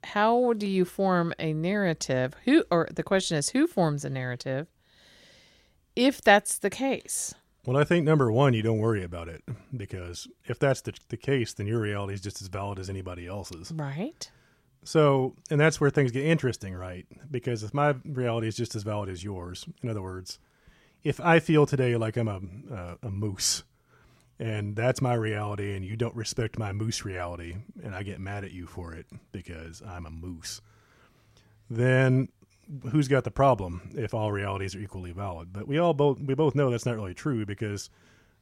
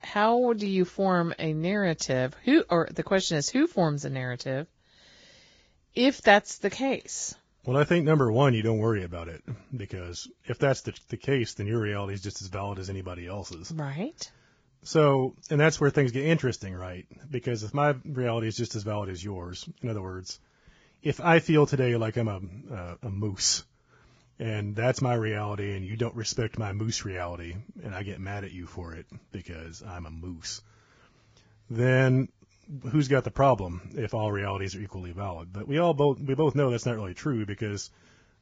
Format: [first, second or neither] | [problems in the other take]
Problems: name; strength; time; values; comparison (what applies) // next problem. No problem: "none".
first | garbled, watery; badly; nothing above 7.5 kHz